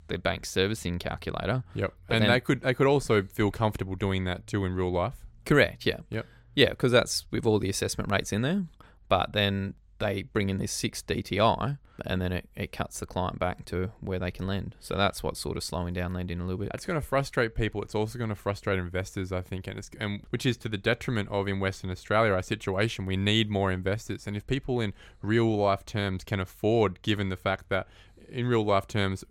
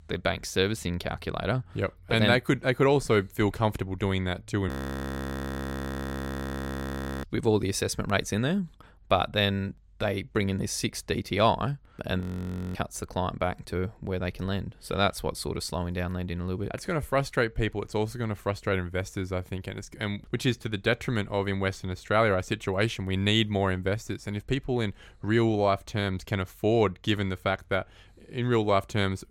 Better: first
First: none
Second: audio freezing; at 4.5 s for 2.5 s and at 12 s for 0.5 s

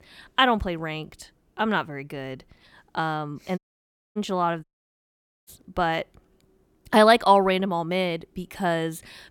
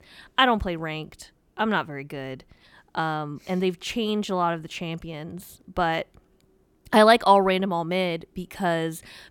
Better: second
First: audio cutting out; at 3.5 s for 0.5 s and at 4.5 s for 1 s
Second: none

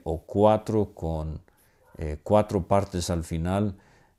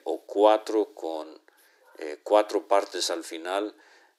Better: first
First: none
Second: thin; very; fading below 300 Hz

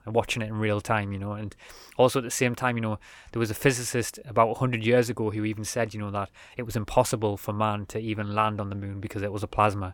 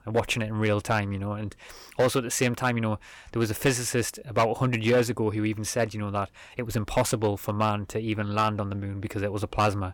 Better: first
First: none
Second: distortion; slight; 3% of the sound clipped

